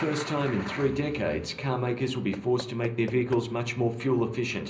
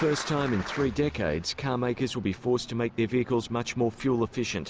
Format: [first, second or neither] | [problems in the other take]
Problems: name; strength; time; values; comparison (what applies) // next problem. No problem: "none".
second | background sound (Knock / Wood); 18 dB below the speech // room echo; dies away in 0.5 s